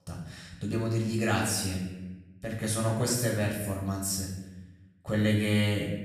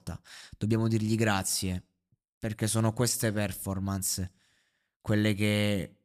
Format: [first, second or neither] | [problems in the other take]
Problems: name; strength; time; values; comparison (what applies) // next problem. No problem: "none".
second | off-mic speech; far // room echo; noticeable; dies away in 0.9 s